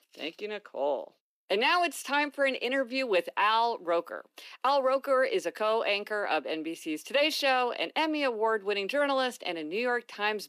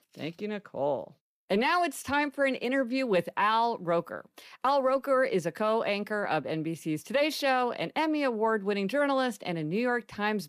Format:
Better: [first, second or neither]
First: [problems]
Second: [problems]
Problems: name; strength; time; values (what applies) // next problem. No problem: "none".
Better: second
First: thin; very slightly; fading below 300 Hz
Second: none